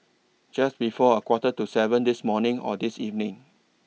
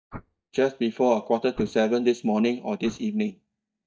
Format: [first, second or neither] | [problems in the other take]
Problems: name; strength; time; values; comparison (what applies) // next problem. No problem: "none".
first | noise reduction (neural mask model DeepFilterNet 3)